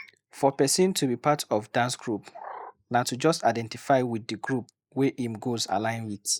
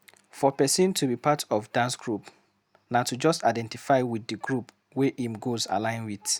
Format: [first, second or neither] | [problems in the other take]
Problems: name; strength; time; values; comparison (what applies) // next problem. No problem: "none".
second | noise reduction (neural mask model Resemble Enhance denoiser)